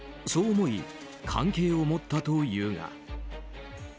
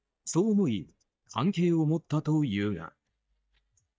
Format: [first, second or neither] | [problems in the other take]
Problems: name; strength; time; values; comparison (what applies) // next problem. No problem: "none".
first | noise reduction (neural mask model DeepFilterNet 3)